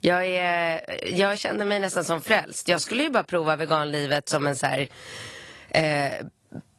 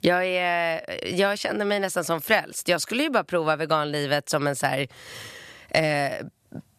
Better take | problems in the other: second | garbled, watery; slightly; nothing above 11.5 kHz

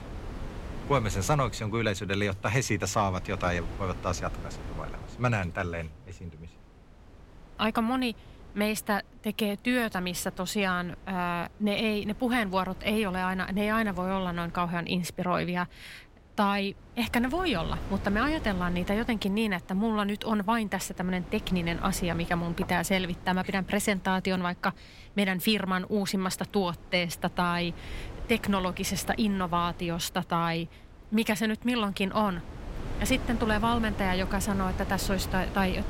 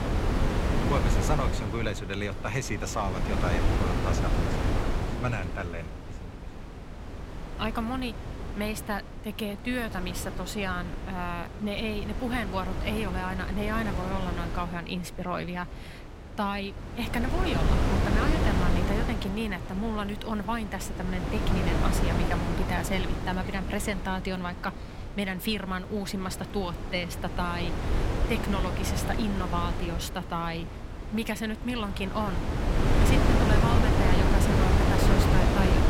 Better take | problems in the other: first | wind noise on the microphone; heavy; 1 dB below the speech; occasional gusts in the first

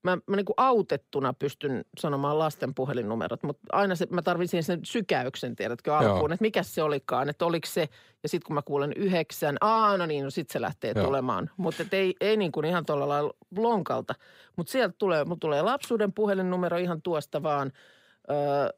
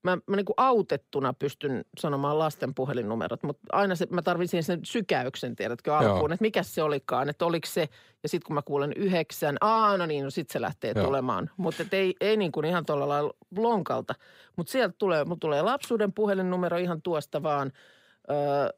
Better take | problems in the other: neither | none

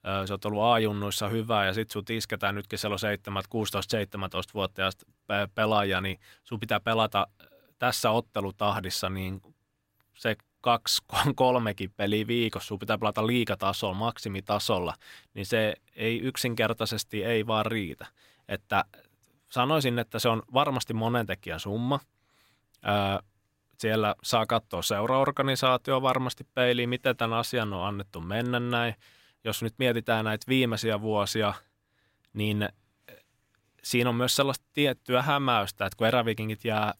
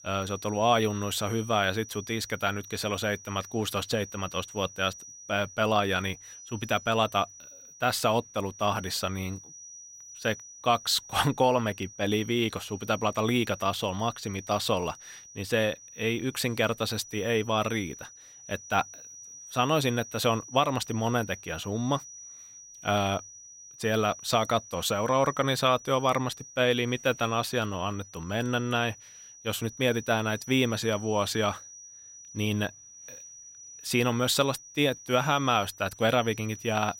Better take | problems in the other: first | high-pitched whine; noticeable; throughout; 6 kHz, 15 dB below the speech

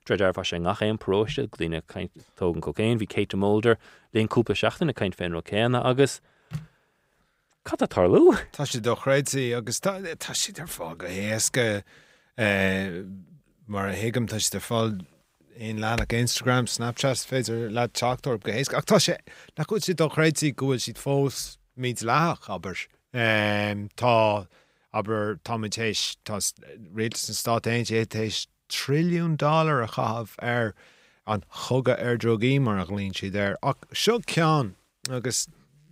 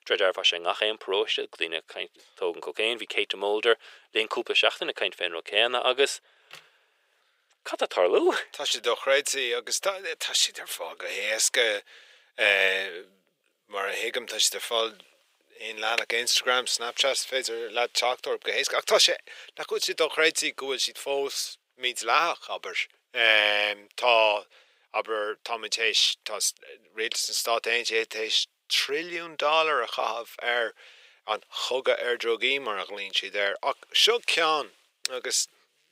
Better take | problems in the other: first | thin; very; fading below 450 Hz

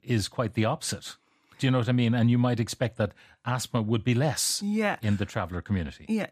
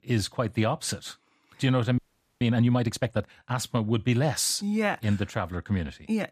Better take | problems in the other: first | audio freezing; at 2 s

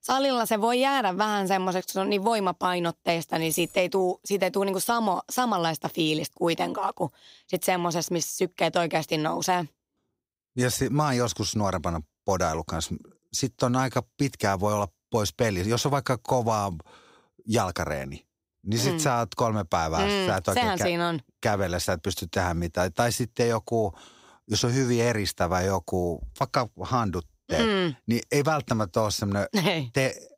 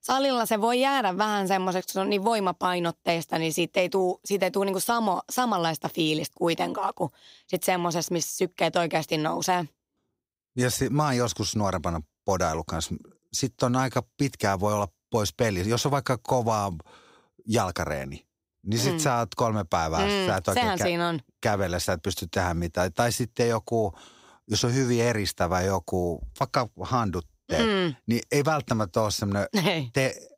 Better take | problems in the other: second | jangling keys; noticeable; at 3.5 s; peak 8 dB below the speech

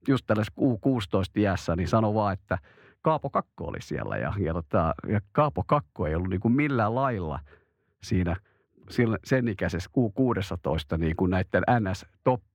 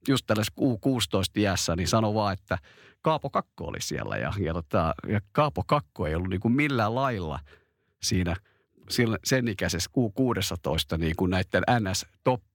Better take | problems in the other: second | muffled; slightly; fading above 3 kHz

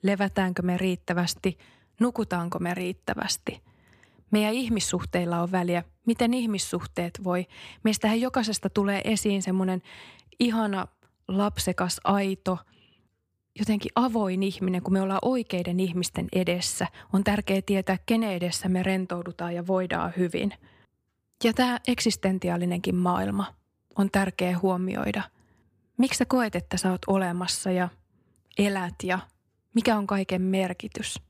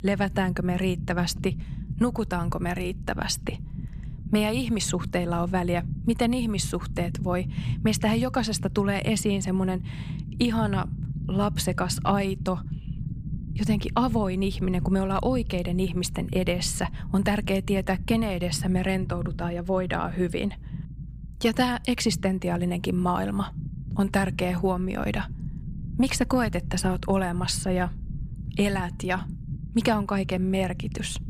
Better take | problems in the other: first | low rumble; noticeable; throughout; 15 dB below the speech

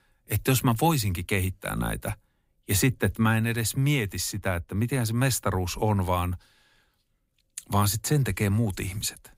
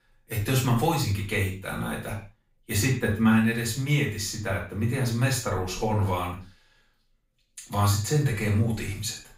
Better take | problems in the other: first | room echo; noticeable; dies away in 0.3 s // off-mic speech; far

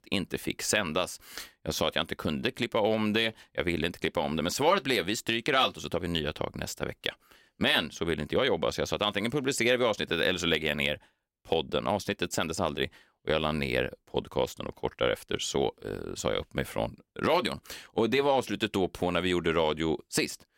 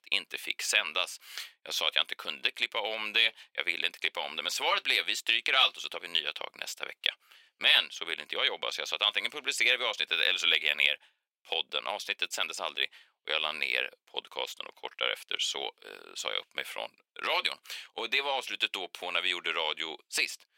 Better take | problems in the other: first | thin; very; fading below 750 Hz

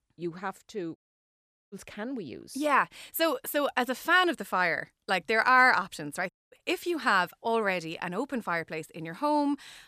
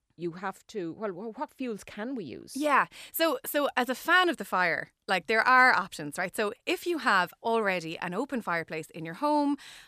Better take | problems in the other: second | audio cutting out; at 1 s for 1 s and at 6.5 s

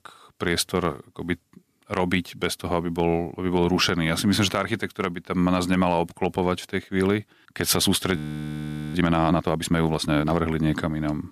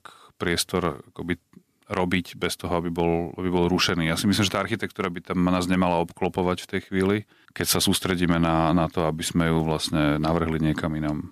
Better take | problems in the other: second | audio freezing; at 8 s for 1 s

